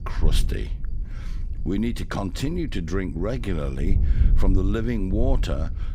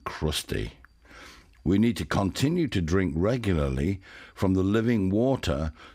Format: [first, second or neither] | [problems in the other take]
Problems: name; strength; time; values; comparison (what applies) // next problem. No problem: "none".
second | wind noise on the microphone; occasional gusts; 15 dB below the speech